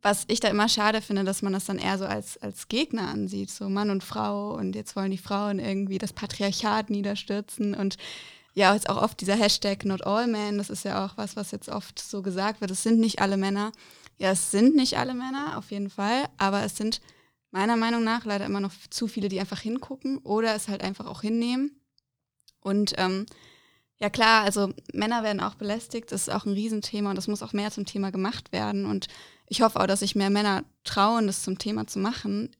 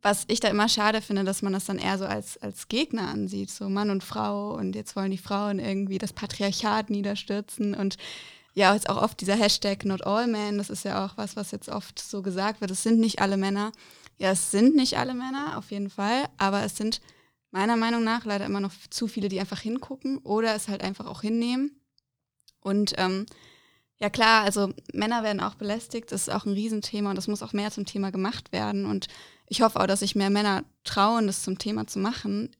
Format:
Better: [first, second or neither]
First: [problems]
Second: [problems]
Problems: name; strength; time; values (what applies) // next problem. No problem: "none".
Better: neither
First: none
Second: none